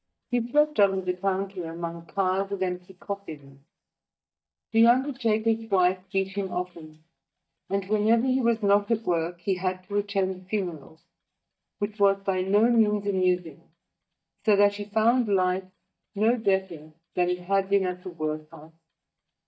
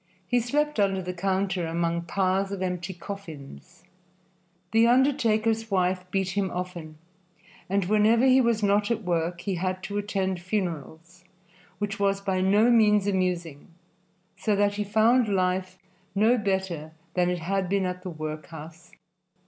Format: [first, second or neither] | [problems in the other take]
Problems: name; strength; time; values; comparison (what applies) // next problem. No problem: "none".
second | noise reduction (neural mask model DeepFilterNet 3)